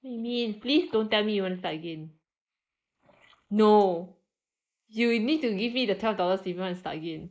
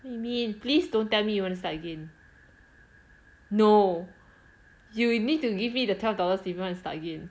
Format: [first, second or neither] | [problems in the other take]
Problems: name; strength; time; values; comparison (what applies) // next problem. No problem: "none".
second | noise reduction (neural mask model Resemble Enhance denoiser)